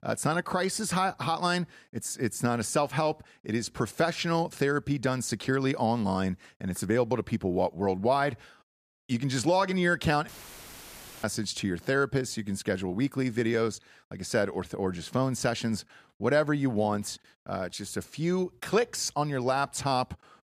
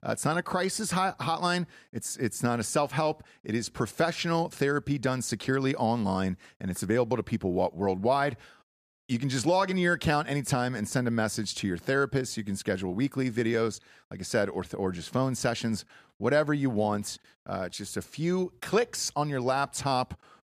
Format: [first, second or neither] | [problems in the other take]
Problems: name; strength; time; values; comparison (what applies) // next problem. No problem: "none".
second | audio cutting out; filled with static; at 10 s for 1 s